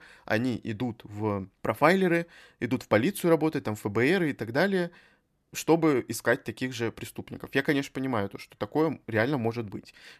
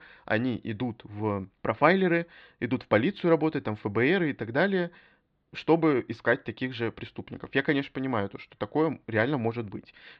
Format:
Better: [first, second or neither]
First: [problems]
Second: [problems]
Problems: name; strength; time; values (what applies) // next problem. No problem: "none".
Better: first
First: none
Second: muffled; slightly; fading above 4 kHz